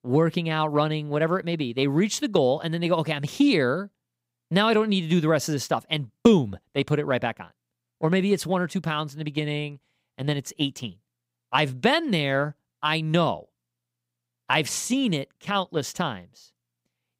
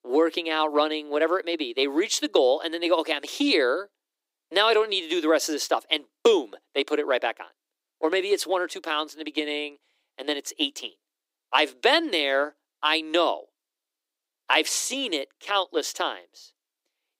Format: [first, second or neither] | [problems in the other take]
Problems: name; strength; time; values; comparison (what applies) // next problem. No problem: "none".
first | thin; somewhat; fading below 300 Hz